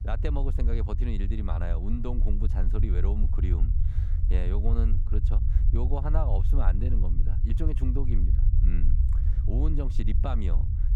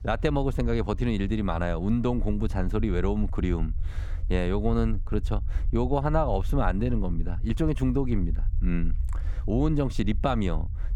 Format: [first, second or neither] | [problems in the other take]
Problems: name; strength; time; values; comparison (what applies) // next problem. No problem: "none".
second | low rumble; loud; throughout; 6 dB below the speech; faint in the second